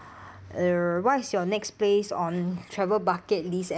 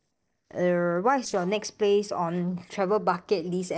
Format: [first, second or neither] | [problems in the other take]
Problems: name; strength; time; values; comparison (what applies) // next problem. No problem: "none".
first | noise reduction (neural separator model SepFormer DNS4)